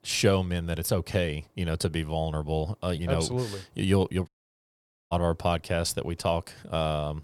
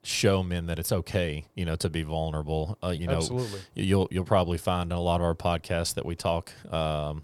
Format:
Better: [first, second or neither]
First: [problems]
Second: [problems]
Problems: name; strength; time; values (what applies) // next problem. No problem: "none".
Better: second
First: audio cutting out; at 4.5 s for 1 s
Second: none